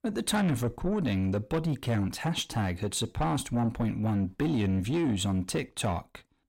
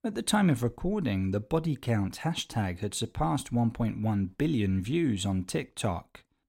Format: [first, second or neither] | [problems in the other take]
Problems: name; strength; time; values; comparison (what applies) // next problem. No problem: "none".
second | distortion; slight; 10 dB below the speech